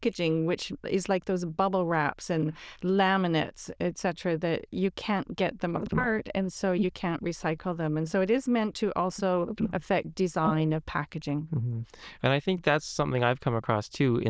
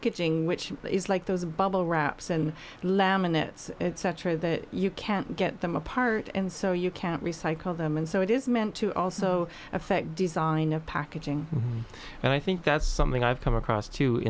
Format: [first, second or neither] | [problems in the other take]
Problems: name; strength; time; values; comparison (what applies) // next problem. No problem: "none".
second | noise reduction (neural diffusion model UNIVERSE++)